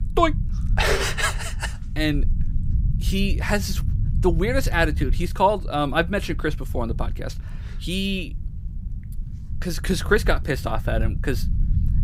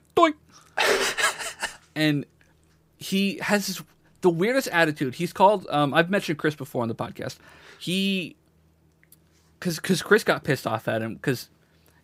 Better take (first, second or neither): second